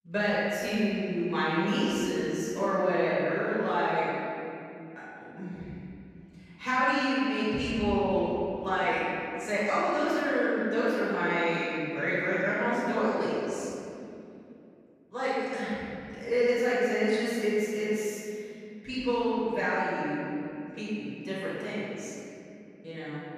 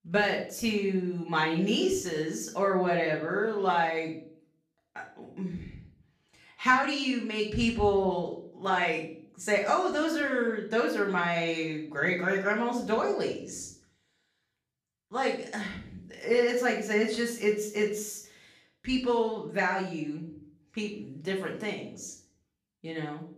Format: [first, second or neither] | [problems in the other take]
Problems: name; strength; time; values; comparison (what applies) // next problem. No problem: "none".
second | room echo; strong; dies away in 2.7 s; slight in the second // off-mic speech; far; far in the second